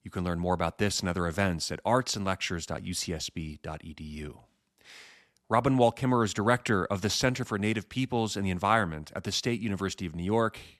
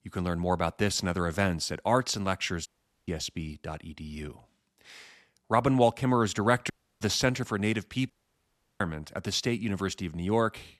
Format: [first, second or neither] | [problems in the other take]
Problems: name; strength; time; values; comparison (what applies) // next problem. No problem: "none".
first | audio cutting out; at 2.5 s, at 6.5 s and at 8 s for 0.5 s